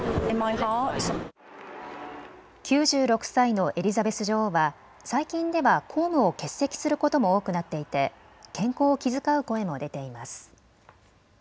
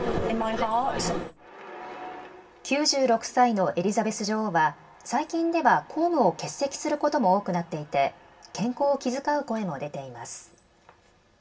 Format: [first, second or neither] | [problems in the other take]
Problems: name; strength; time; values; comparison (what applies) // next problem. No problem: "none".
first | room echo; dies away in 0.2 s